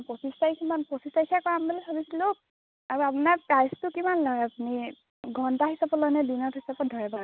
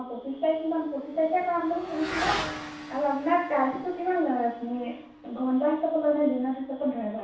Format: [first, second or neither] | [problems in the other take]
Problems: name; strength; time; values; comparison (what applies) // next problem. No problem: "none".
first | background sound (Motorcycle / Accelerating, revving, vroom); 12 dB below the speech // room echo; dies away in 0.7 s